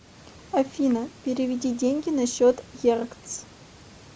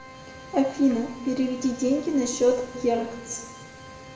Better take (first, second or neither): first